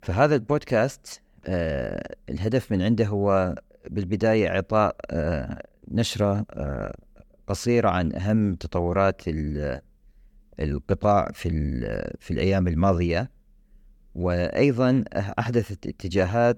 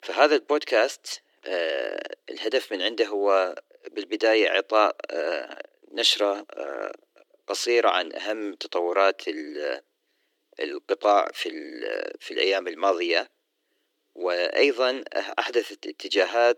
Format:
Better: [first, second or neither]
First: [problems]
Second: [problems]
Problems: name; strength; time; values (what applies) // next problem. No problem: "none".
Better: first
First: none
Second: thin; very; fading below 300 Hz